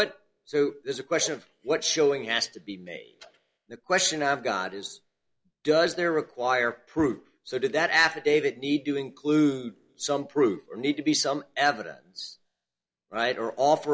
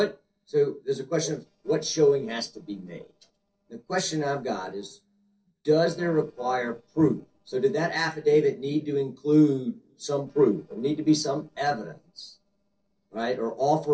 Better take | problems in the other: first | noise reduction (neural separator model SepFormer DNS4)

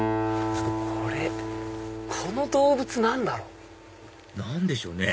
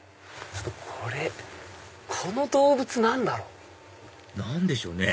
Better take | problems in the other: second | background sound (Acoustic guitar); 4 dB below the speech

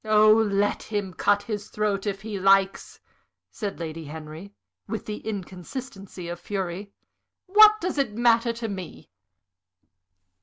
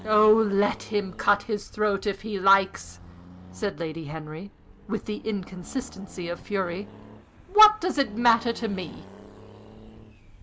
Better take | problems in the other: first | background sound (Accelerating, revving, vroom); 19 dB below the speech

